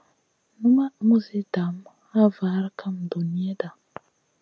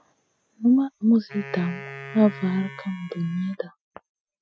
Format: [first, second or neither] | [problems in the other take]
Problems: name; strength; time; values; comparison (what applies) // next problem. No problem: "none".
first | noise reduction (classical method Wiener filter)